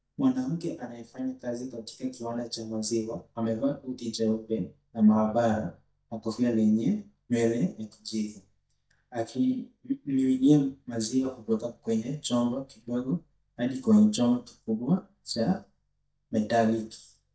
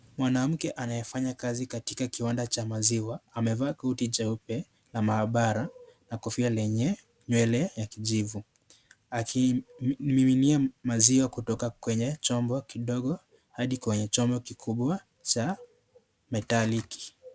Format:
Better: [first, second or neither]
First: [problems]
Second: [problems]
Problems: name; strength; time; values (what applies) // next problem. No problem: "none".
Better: second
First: noise reduction (neural mask model DeepFilterNet 3)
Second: none